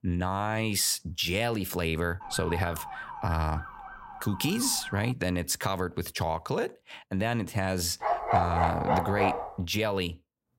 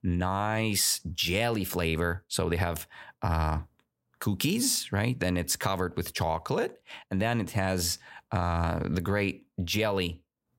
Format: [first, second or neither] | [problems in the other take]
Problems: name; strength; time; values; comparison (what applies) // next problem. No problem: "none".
second | siren; noticeable; from 2 to 5 s; peak 8 dB below the speech // dog barking; loud; from 8 to 9.5 s; peak 3 dB above the speech